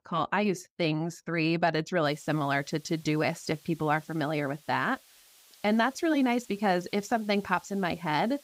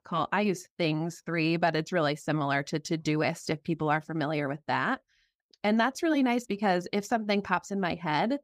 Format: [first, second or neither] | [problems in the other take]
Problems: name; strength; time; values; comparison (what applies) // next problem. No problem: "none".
second | hiss; faint; from 2 s on; 25 dB below the speech